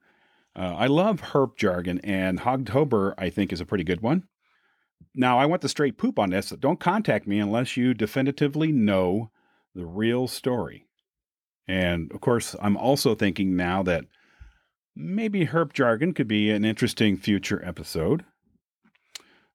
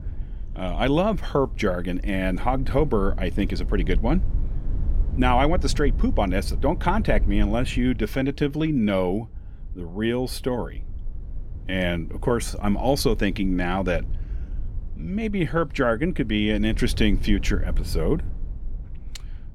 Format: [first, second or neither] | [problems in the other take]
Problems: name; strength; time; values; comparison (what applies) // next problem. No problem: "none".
first | low rumble; faint; throughout; 20 dB below the speech